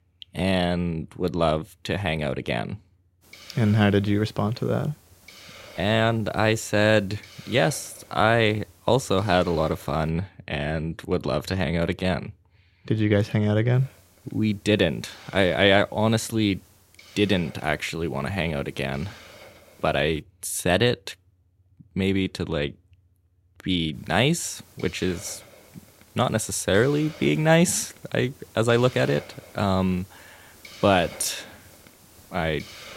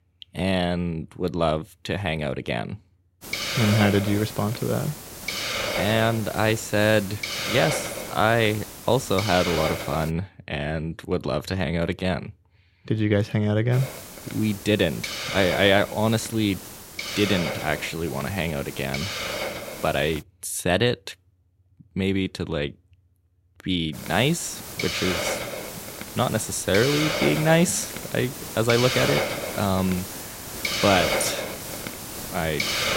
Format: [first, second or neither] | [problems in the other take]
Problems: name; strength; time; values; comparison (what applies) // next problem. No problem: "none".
first | hiss; loud; from 3 to 10 s, from 14 to 20 s and from 24 s on; 5 dB below the speech; faint in the first